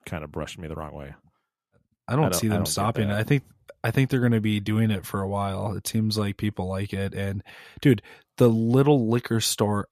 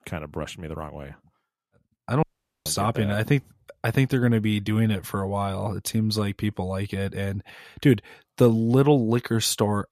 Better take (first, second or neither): first